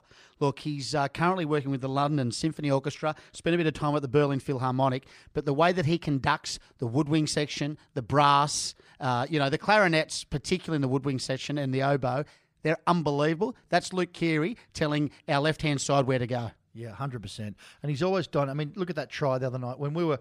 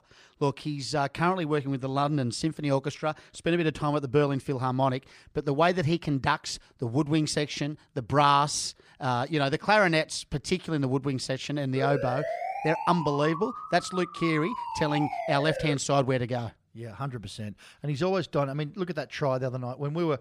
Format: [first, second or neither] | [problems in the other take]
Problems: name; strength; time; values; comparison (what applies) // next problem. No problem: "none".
first | siren; noticeable; from 12 to 16 s; peak 5 dB below the speech